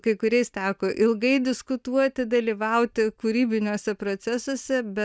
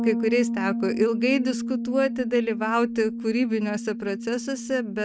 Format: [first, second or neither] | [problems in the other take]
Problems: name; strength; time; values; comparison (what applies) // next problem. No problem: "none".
first | noise reduction (neural mask model RNNoise)